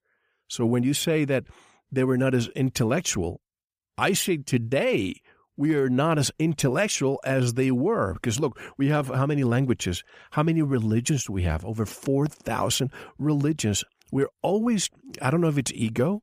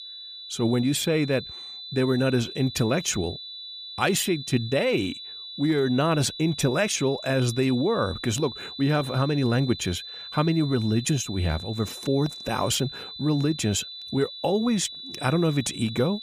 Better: first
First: none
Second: high-pitched whine; noticeable; throughout; 4 kHz, 10 dB below the speech

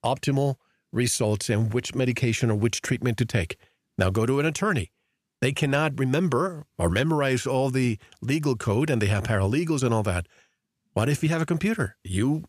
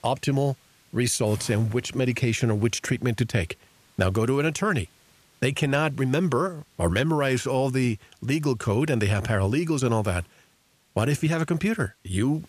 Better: first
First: none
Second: hiss; faint; throughout; 30 dB below the speech

